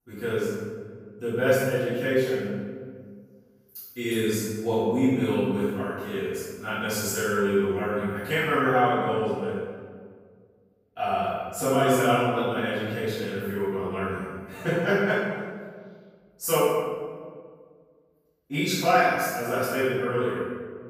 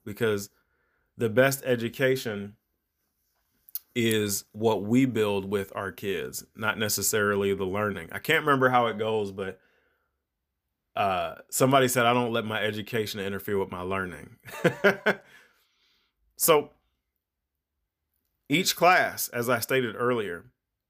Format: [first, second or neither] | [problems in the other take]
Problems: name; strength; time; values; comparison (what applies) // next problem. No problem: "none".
second | room echo; strong; dies away in 1.6 s // off-mic speech; far